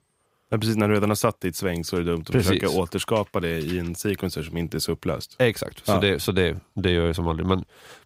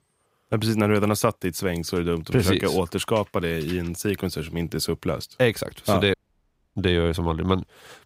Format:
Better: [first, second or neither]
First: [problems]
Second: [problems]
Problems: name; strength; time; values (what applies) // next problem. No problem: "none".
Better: first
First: none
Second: audio cutting out; at 6 s for 0.5 s